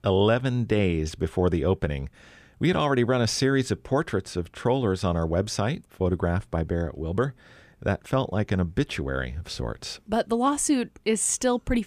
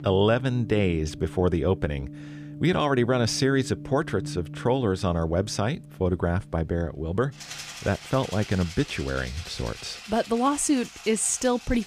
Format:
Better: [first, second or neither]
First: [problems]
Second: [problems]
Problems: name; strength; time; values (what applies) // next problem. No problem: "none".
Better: first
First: none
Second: background music; noticeable; throughout; 15 dB below the speech